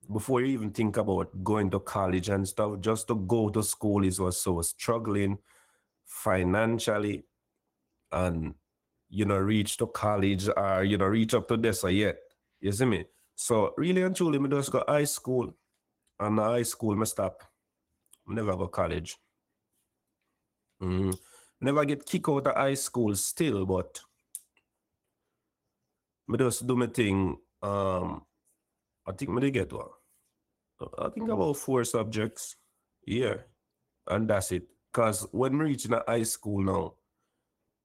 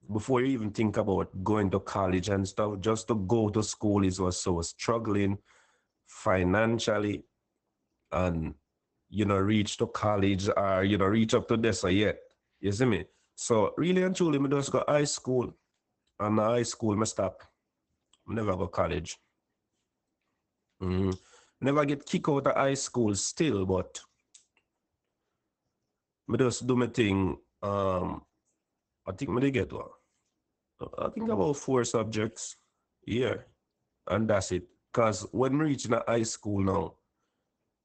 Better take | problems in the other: first | garbled, watery; badly; nothing above 8 kHz; slightly in the first

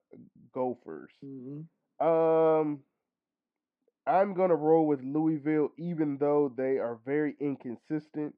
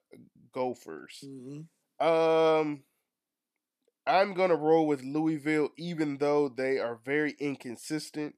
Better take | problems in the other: second | muffled; very; fading above 1 kHz

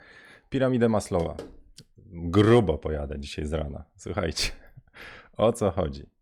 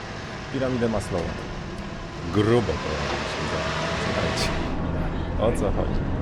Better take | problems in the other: first | traffic noise; loud; throughout; 1 dB below the speech

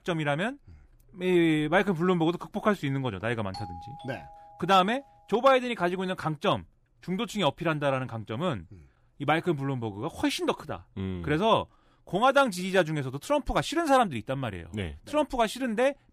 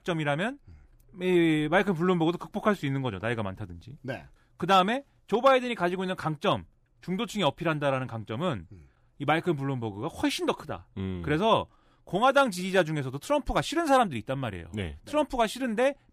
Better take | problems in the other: second | doorbell; faint; from 3.5 to 5 s; peak 15 dB below the speech

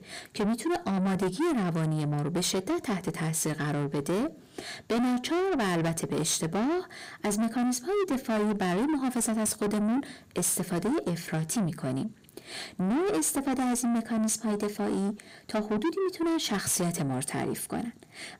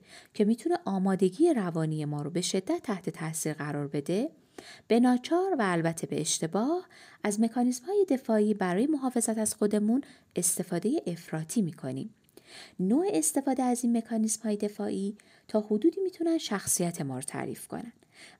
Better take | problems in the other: second | distortion; heavy; 6 dB below the speech

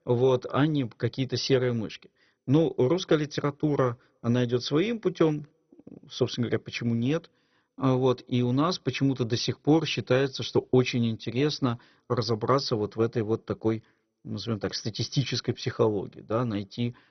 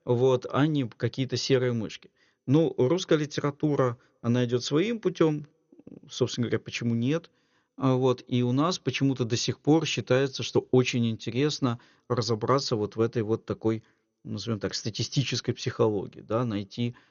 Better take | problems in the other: second | garbled, watery; badly; nothing above 6 kHz; slightly in the second

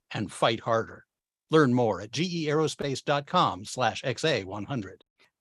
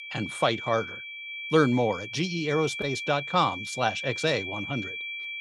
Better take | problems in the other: first | high-pitched whine; loud; throughout; 2.5 kHz, 7 dB below the speech

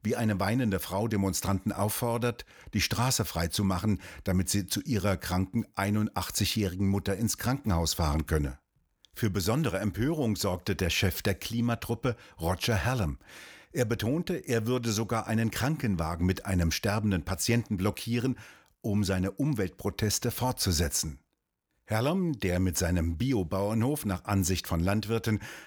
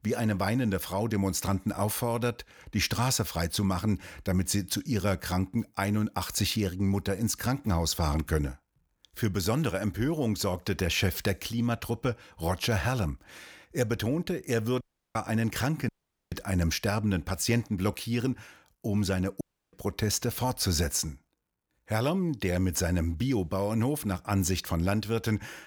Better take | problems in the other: first | audio cutting out; at 15 s, at 16 s and at 19 s

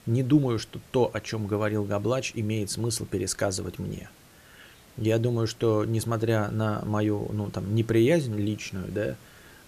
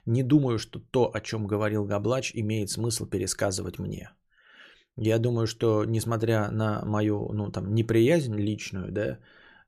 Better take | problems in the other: second | hiss; faint; throughout; 25 dB below the speech

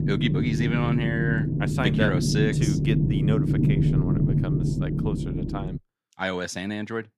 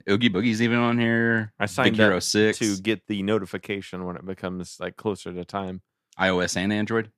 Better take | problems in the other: second | low rumble; loud; until 6 s; 2 dB below the speech

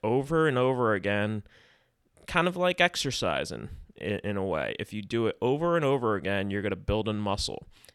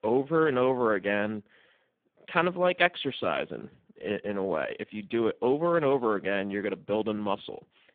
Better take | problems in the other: first | phone-call audio; poor line

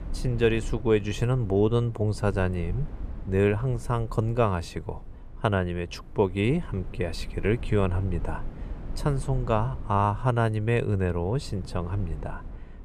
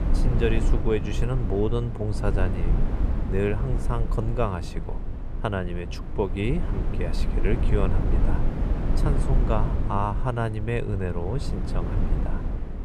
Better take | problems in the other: first | low rumble; loud; throughout; 7 dB below the speech; faint in the first

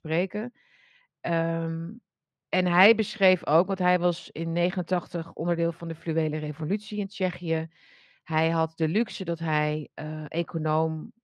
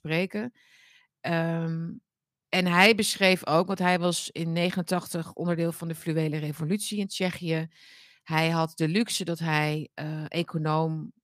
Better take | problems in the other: second | muffled; slightly; fading above 3 kHz

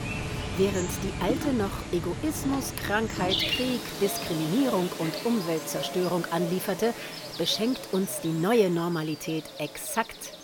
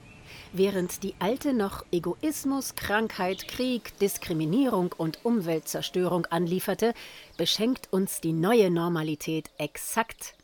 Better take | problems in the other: second | animal sounds; loud; throughout; 5 dB below the speech; faint in the second

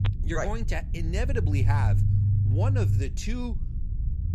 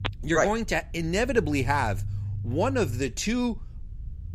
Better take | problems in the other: second | low rumble; loud; throughout; 6 dB below the speech; faint in the second

